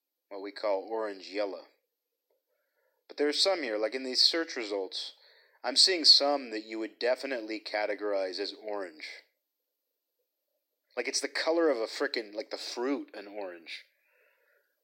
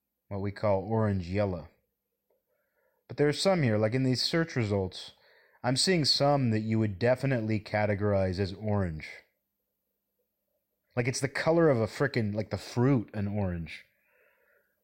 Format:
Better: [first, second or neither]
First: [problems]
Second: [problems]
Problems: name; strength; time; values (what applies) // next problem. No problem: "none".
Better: second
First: thin; somewhat; fading below 300 Hz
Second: none